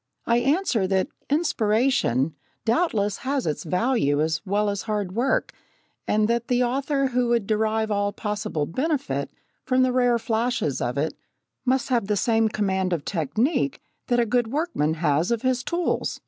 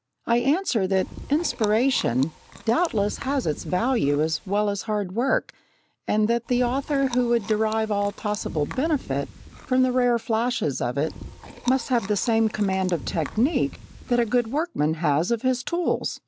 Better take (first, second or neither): first